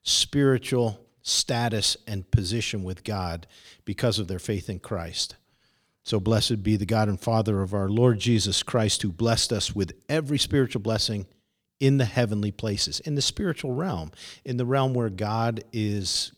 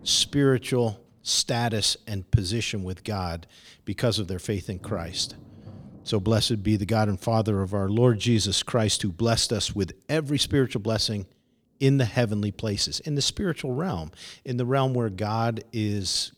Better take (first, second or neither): first